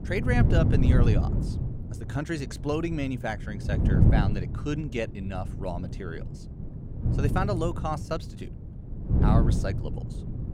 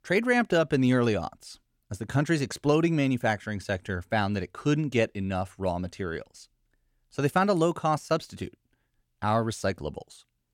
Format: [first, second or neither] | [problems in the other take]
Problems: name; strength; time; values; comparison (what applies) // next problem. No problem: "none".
second | wind noise on the microphone; heavy; 5 dB below the speech